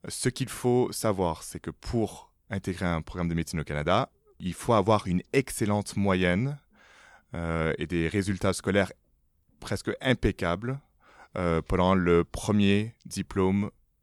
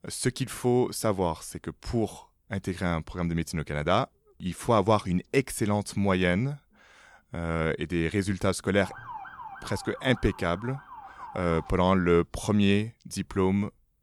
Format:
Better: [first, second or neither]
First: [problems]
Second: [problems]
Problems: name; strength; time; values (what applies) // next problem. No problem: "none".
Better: first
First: none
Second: siren; faint; from 9 to 12 s; peak 15 dB below the speech